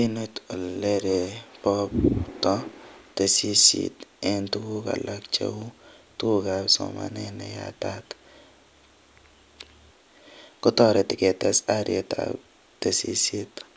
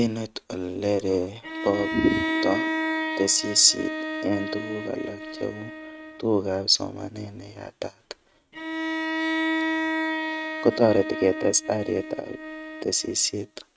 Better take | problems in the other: first | noise reduction (neural mask model RNNoise)

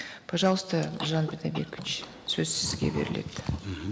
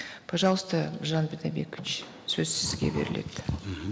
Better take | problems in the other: second | background sound (Chewing, mastication / Cough); 16 dB below the speech

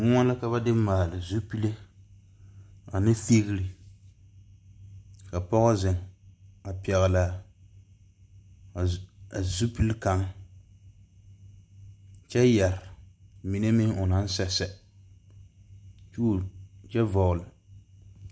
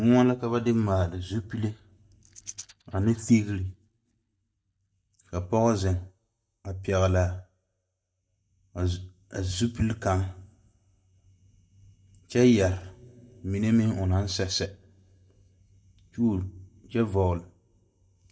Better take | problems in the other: first | noise reduction (neural mask model DeepFilterNet 3)

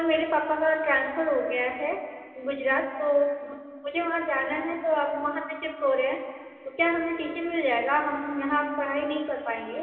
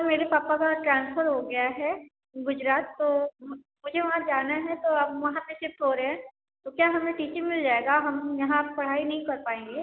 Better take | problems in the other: second | room echo; dies away in 2.5 s

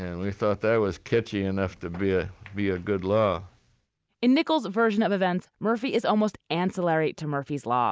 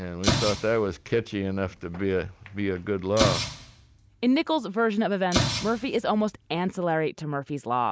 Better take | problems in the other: first | background sound (Explosion); 5 dB below the speech

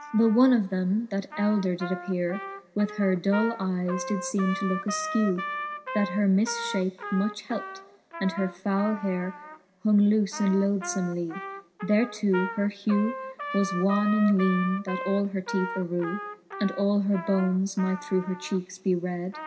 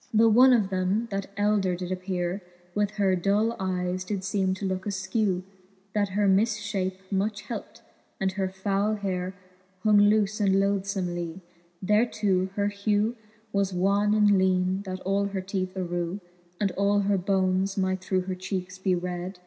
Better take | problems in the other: second | background sound (Trumpet); 11 dB below the speech

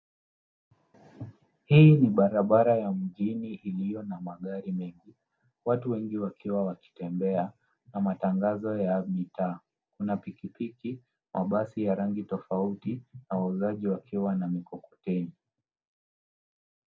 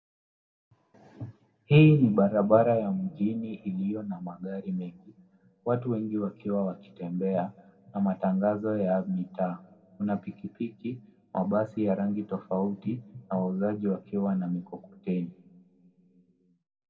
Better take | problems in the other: first | room echo; dies away in 1.9 s

